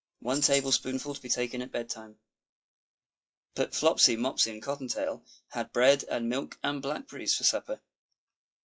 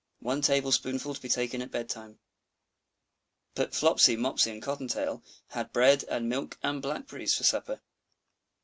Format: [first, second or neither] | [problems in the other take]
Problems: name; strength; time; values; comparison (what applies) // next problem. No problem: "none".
second | noise reduction (classical method log-MMSE)